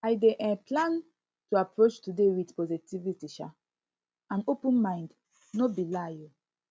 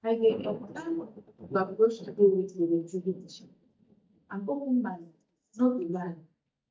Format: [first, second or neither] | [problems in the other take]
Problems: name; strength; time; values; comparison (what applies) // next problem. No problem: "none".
first | noise reduction (neural mask model DeepFilterNet 3)